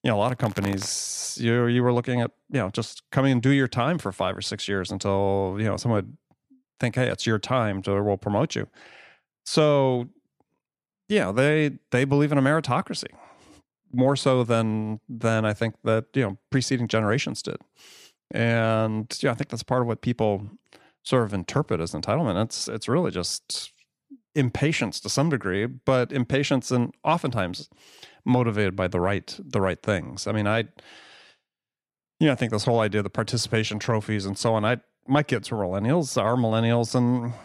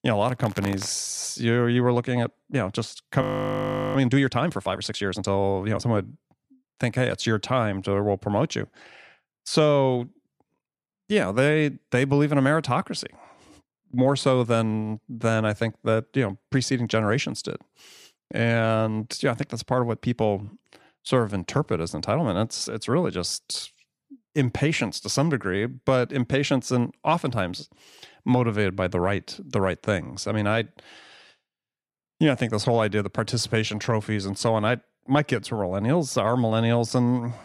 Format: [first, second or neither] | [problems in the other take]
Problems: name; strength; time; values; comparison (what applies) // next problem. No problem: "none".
first | audio freezing; at 3 s for 0.5 s